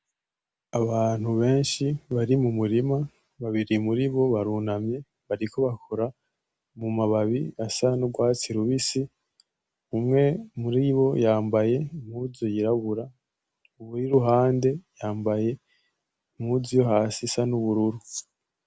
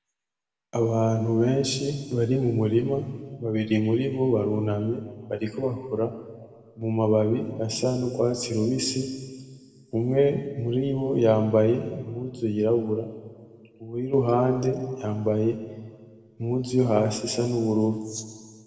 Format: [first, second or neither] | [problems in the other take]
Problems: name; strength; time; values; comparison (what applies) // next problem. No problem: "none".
first | room echo; dies away in 1.5 s